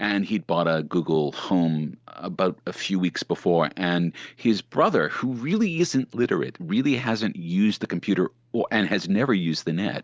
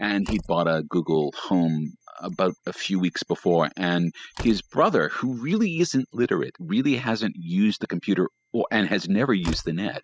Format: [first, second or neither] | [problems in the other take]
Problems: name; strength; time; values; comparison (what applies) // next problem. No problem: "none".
first | noise reduction (classical method spectral subtraction)